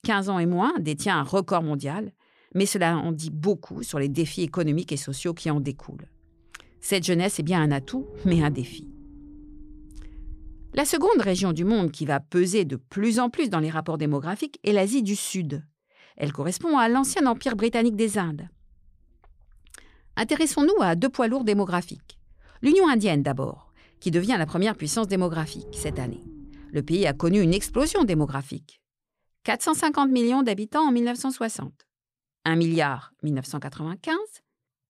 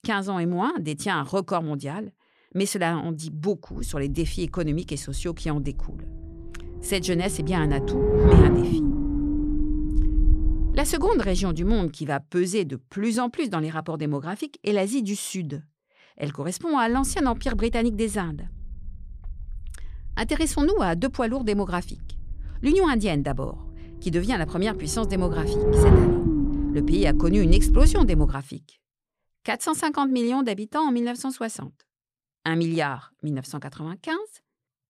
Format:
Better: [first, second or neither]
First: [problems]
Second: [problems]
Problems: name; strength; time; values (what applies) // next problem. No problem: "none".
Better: first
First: low rumble; faint; from 3.5 to 12 s and from 17 to 28 s; 25 dB below the speech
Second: low rumble; loud; from 3.5 to 12 s and from 17 to 28 s; as loud as the speech